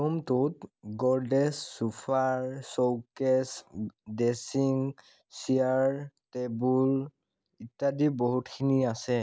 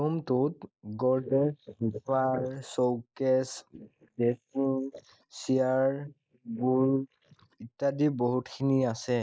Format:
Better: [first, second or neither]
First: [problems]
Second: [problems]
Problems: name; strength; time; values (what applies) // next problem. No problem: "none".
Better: first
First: none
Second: noise reduction (neural mask model Resemble Enhance denoiser)